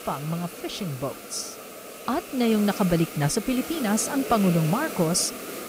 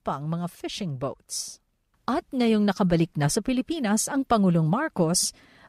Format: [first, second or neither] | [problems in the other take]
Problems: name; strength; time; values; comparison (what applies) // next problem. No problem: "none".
second | hiss; loud; throughout; 10 dB below the speech